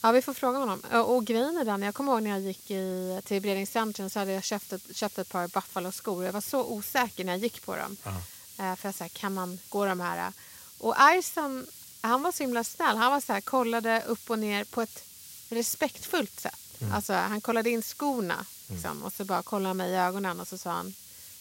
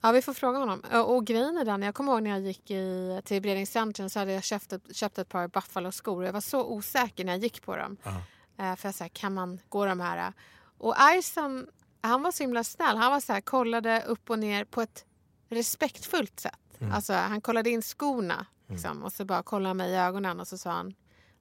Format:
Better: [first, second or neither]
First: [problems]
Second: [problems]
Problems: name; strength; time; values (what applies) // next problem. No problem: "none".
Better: second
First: hiss; noticeable; throughout; 15 dB below the speech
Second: none